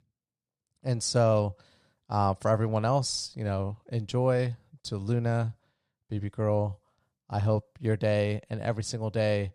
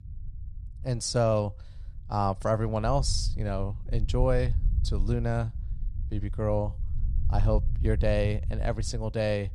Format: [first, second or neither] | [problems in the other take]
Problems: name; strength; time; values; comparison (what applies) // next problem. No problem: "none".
first | low rumble; faint; throughout; 20 dB below the speech